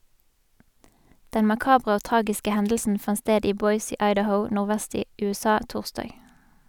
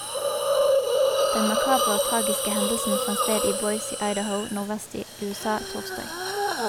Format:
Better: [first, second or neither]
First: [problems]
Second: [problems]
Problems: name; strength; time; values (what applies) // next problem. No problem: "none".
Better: first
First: none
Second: background sound (Hiss); 4 dB above the speech